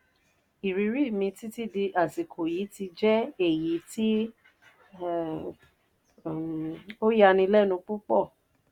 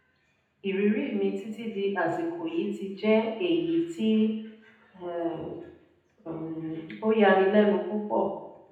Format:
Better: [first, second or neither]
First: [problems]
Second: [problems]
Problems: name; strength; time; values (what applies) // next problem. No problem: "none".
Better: first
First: none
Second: room echo; dies away in 0.9 s